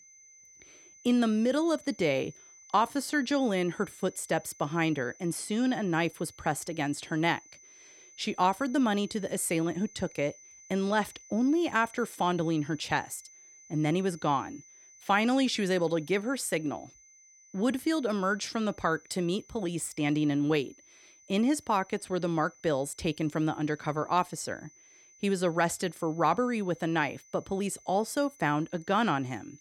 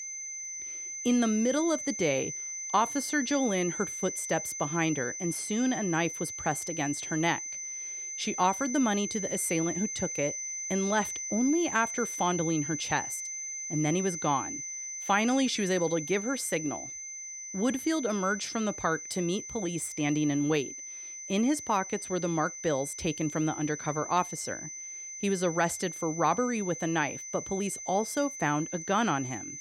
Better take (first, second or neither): first